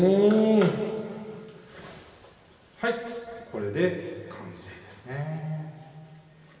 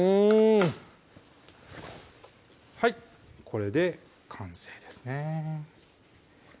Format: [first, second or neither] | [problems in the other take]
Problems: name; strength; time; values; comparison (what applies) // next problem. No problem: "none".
second | room echo; dies away in 2.5 s